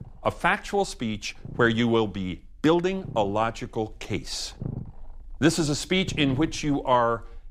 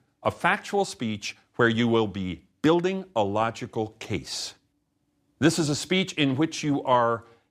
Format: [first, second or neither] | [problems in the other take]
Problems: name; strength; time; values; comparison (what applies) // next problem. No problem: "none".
second | low rumble; faint; throughout; 20 dB below the speech